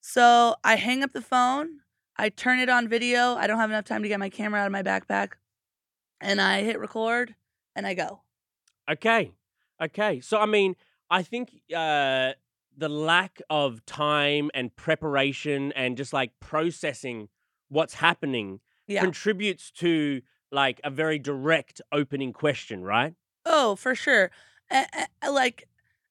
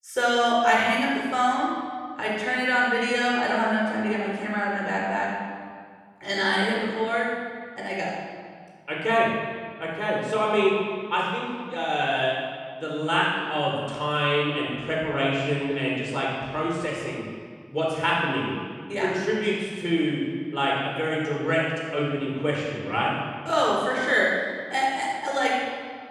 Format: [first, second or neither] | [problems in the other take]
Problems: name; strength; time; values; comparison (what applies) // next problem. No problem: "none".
first | off-mic speech; far // room echo; strong; dies away in 1.9 s